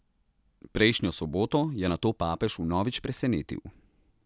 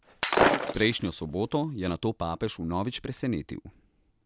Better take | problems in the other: first | background sound (Shatter); 3 dB above the speech

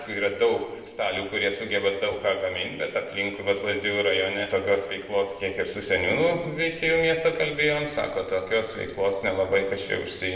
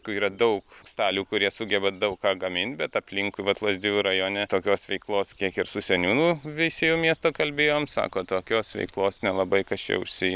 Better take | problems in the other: second | room echo; dies away in 1.1 s

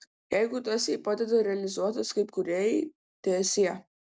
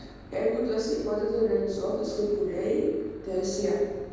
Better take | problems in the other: first | background sound (Engine / Boat, Water vehicle); 18 dB below the speech // room echo; dies away in 1.2 s

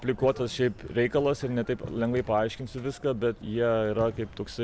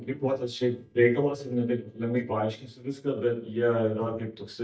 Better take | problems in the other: first | noise reduction (neural mask model DeepFilterNet 3)

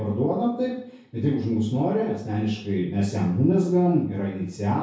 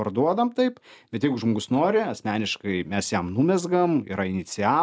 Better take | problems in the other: second | room echo; dies away in 0.6 s

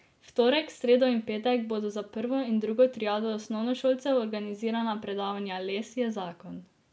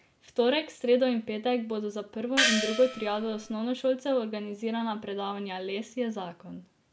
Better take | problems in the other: first | background sound (Gong); as loud as the speech

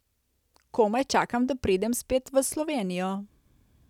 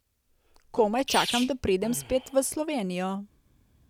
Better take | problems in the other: first | background sound (Sneeze); 11 dB below the speech

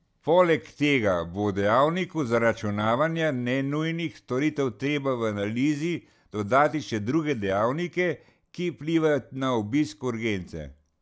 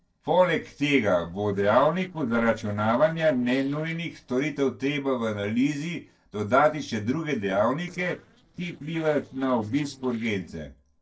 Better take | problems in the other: first | noise reduction (neural separator model SepFormer DNS4)

